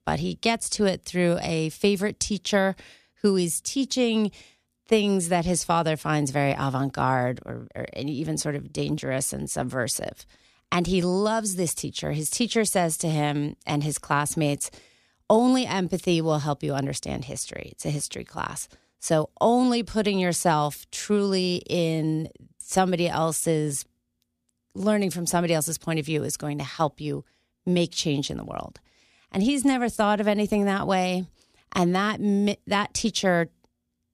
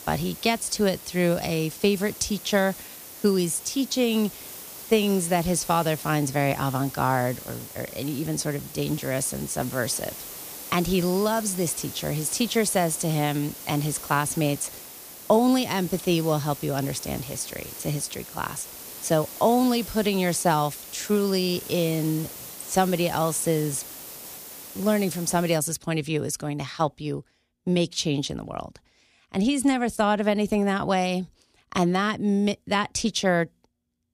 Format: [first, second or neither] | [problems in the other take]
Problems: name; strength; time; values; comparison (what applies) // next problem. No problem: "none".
first | hiss; noticeable; until 26 s; 10 dB below the speech